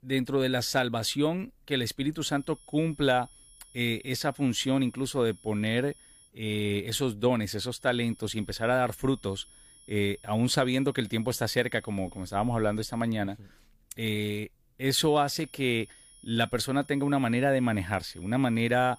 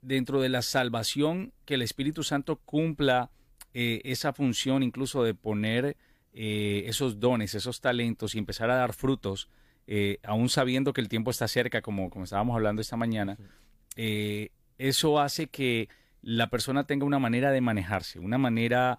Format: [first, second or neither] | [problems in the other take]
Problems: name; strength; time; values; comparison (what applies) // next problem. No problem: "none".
second | high-pitched whine; faint; from 2 to 6.5 s, from 8 to 13 s and from 15 s on; 10.5 kHz, 25 dB below the speech